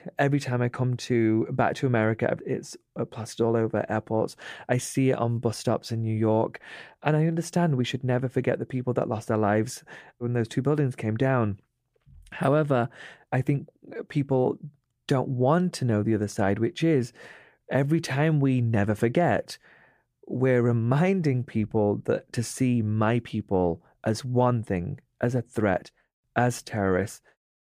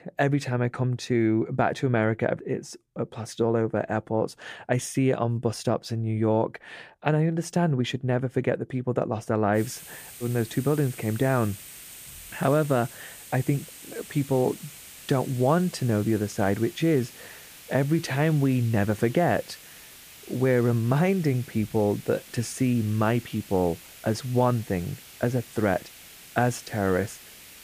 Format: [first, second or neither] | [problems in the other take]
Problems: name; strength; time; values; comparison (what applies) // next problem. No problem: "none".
first | hiss; noticeable; from 9.5 s on; 15 dB below the speech